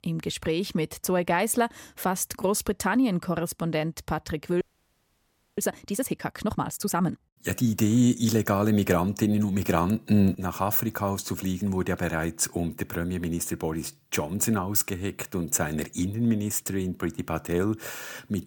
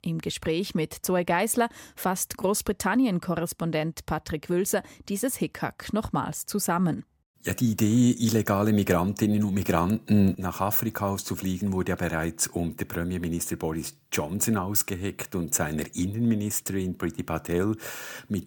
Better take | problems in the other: second | audio freezing; at 4.5 s for 1 s

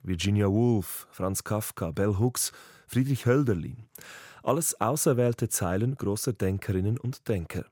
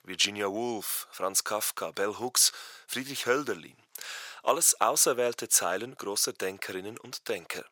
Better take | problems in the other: first | thin; very; fading below 600 Hz

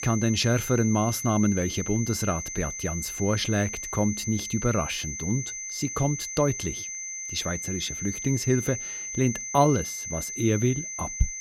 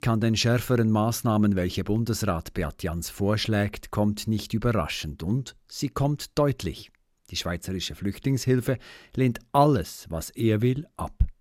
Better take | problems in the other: second | high-pitched whine; loud; throughout; 6 kHz, 5 dB below the speech

